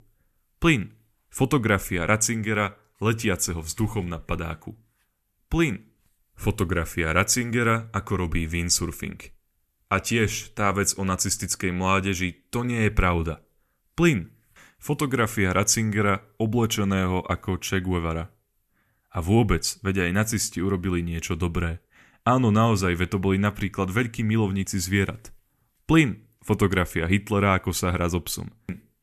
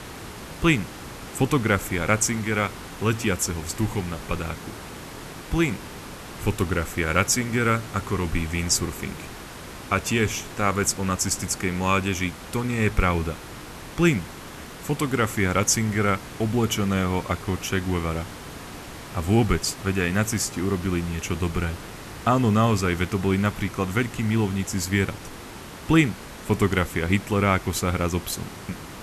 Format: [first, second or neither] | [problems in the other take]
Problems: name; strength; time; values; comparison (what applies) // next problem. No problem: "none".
first | hiss; noticeable; throughout; 15 dB below the speech